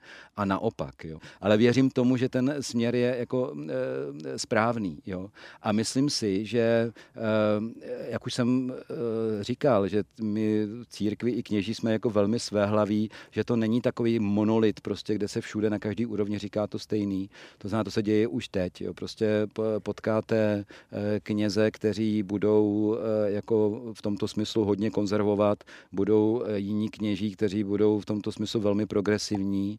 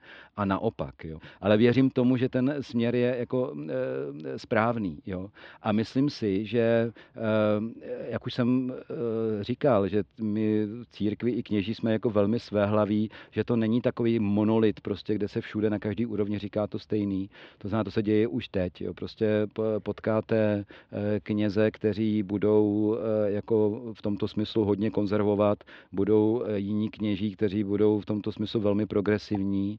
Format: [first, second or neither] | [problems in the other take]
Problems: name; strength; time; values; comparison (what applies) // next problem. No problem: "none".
first | muffled; slightly; fading above 3.5 kHz